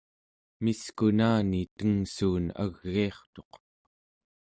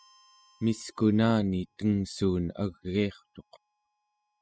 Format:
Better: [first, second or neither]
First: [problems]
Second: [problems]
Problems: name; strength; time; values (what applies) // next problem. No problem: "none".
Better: first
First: none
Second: noise reduction (classical method spectral subtraction)